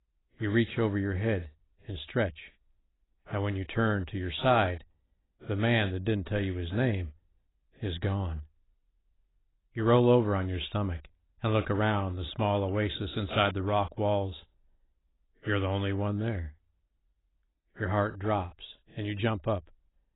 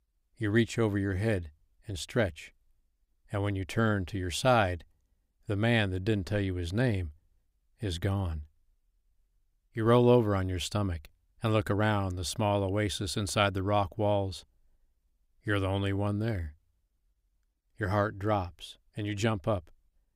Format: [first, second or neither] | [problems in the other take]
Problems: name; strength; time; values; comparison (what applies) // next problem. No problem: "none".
second | garbled, watery; badly; nothing above 4 kHz